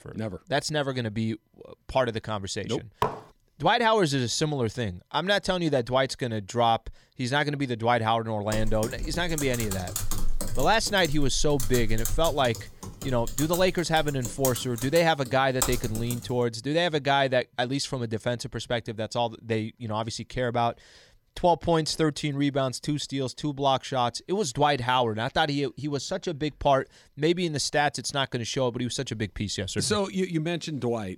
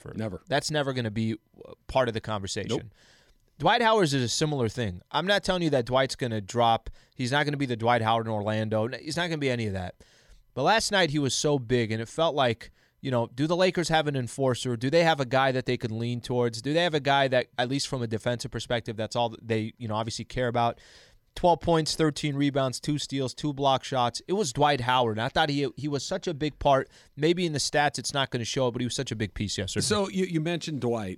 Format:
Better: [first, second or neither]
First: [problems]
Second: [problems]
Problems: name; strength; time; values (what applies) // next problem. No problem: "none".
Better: second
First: clattering dishes; noticeable; at 3 s; peak 4 dB below the speech // keyboard typing; noticeable; from 8.5 to 16 s; peak 2 dB below the speech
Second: none